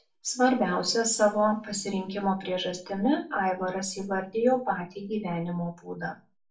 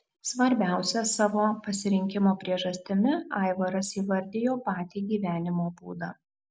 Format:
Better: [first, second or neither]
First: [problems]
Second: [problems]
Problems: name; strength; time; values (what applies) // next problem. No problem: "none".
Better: second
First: room echo; dies away in 0.2 s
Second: none